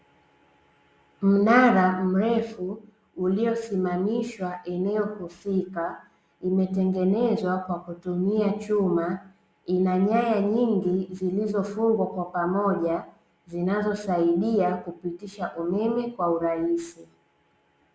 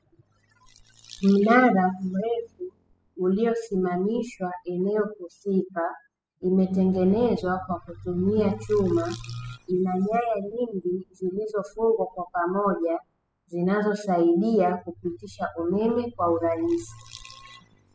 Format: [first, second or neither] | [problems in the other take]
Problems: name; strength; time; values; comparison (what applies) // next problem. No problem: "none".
first | noise reduction (classical method spectral subtraction)